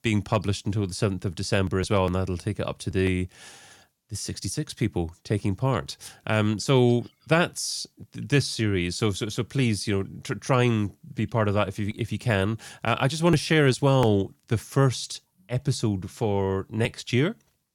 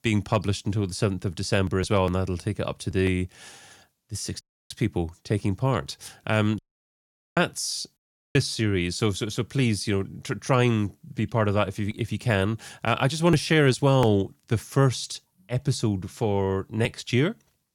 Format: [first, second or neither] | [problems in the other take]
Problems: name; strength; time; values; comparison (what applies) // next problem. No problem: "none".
first | audio cutting out; at 4.5 s, at 6.5 s for 1 s and at 8 s